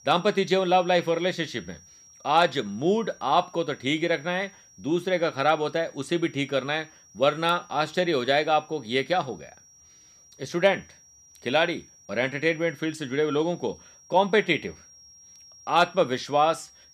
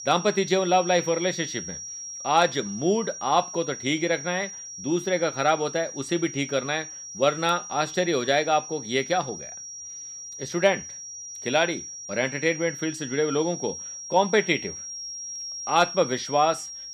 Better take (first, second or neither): first